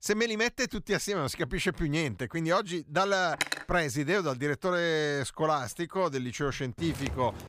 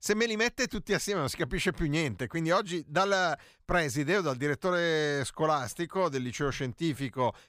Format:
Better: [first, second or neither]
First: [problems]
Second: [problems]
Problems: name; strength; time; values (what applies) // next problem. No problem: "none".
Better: second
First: clattering dishes; noticeable; at 3.5 s; peak 2 dB below the speech // footsteps; noticeable; at 7 s; peak 9 dB below the speech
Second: none